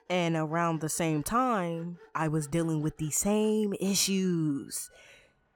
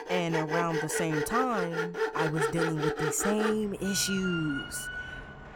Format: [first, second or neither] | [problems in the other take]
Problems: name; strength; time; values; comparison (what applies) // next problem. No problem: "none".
first | machinery noise; loud; throughout; 2 dB below the speech; faint in the first